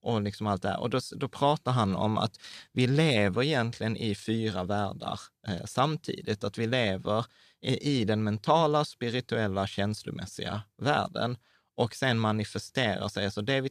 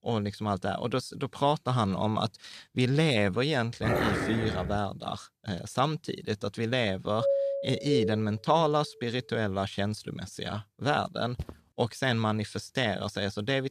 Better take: first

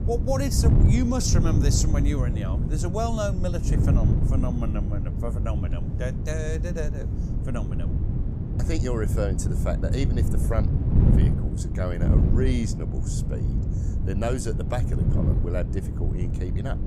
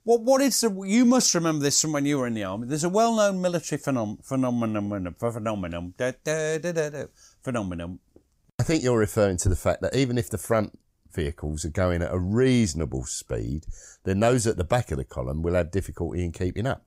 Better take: second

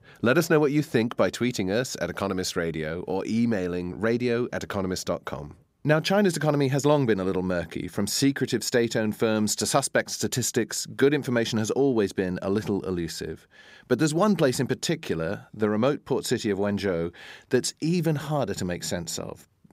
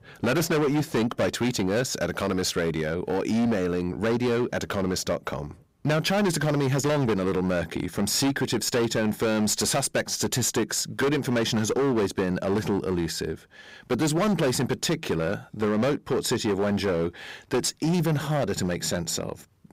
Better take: first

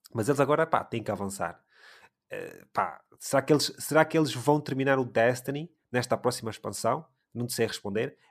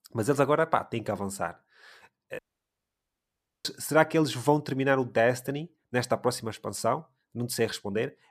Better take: first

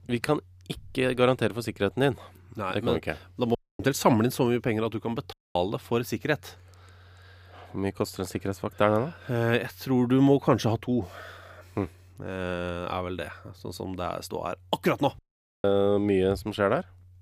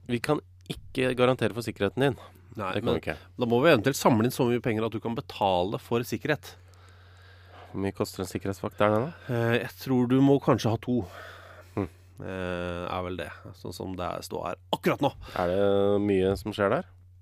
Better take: second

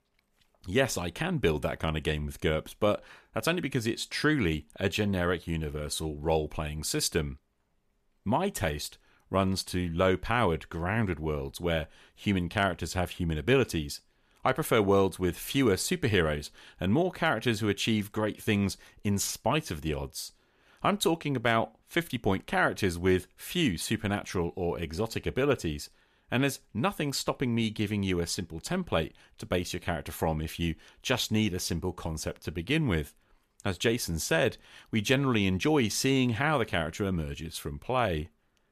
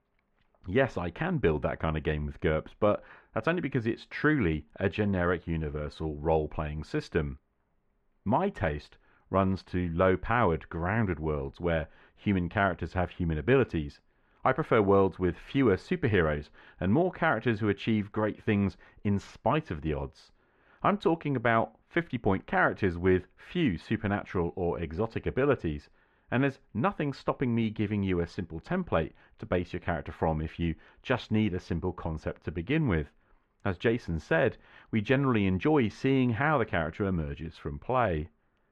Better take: first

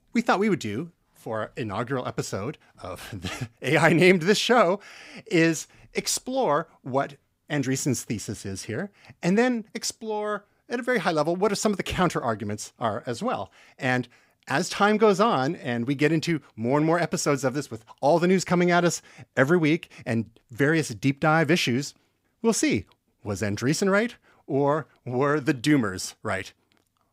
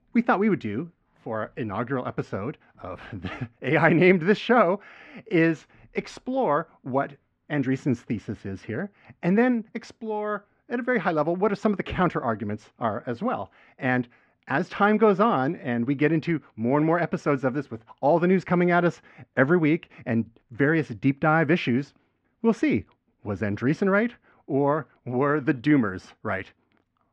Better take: first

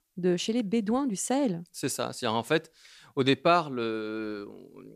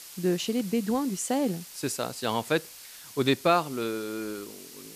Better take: first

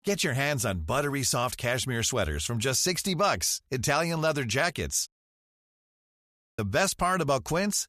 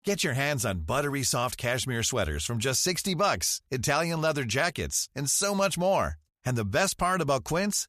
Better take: second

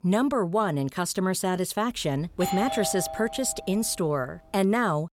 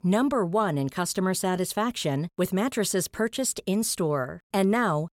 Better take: second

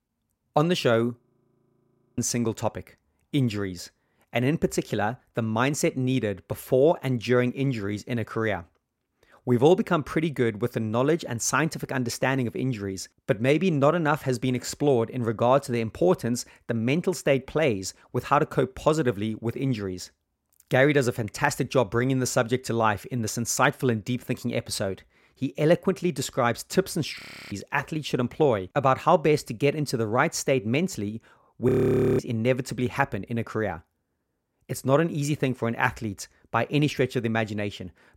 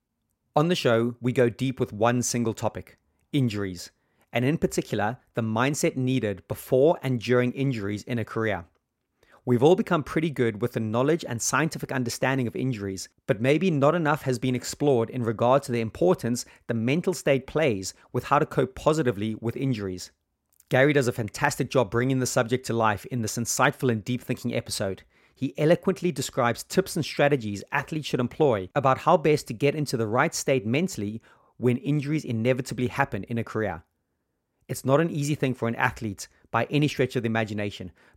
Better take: second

